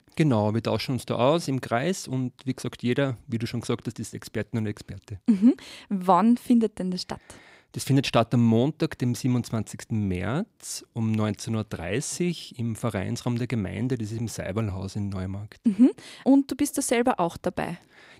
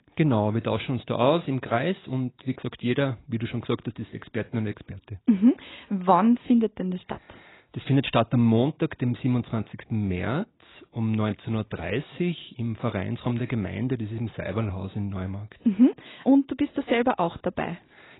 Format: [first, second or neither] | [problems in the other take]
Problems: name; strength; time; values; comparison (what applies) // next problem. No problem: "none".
first | garbled, watery; badly; nothing above 4 kHz